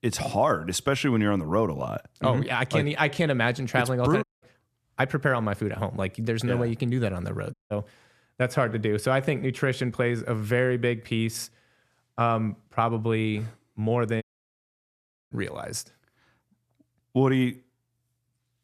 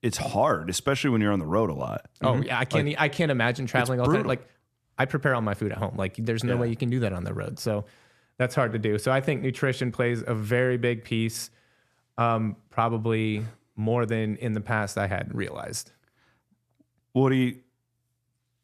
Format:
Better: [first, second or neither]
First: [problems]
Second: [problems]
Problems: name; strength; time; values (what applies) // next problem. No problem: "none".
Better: second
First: audio cutting out; at 4 s, at 7.5 s and at 14 s for 1 s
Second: none